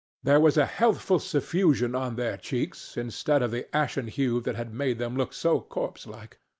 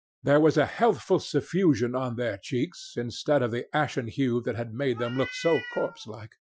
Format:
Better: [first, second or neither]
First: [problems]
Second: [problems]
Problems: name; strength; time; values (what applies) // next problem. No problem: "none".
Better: first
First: none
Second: noise reduction (classical method Wiener filter)